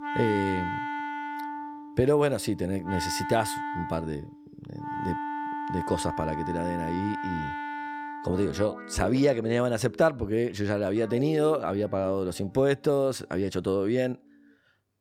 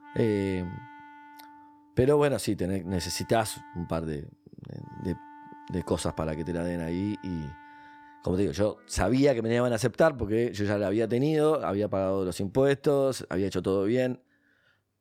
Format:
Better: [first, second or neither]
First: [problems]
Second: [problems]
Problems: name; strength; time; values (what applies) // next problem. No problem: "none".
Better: second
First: background music; loud; throughout; 7 dB below the speech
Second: background music; faint; throughout; 25 dB below the speech